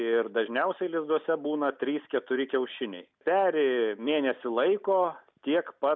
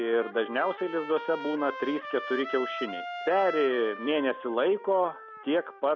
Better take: first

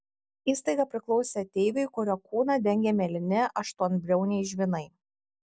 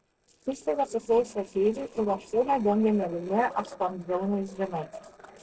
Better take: first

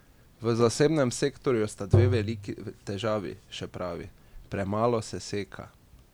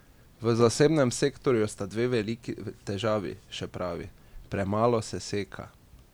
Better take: second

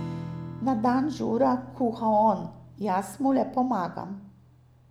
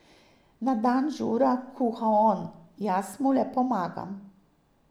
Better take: second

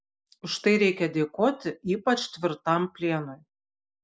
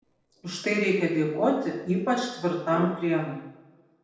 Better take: first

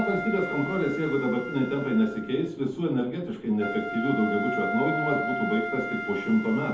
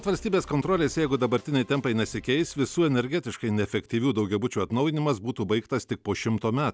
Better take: second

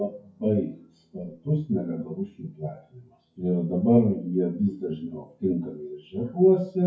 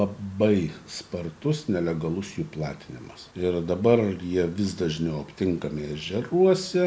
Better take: second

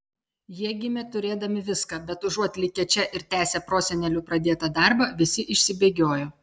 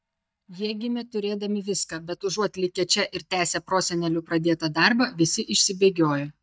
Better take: first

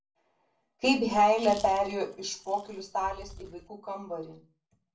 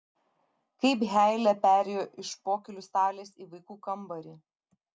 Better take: second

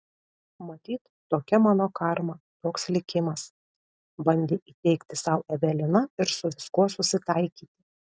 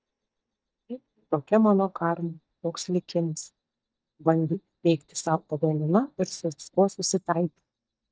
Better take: first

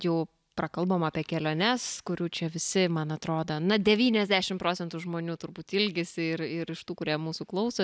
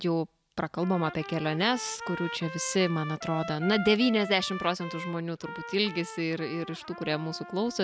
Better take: first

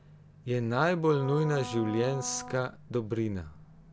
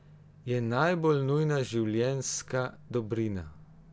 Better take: second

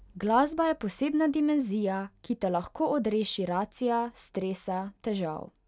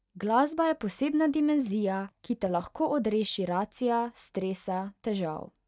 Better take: first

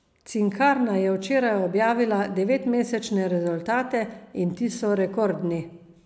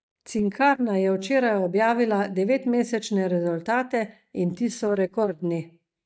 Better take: first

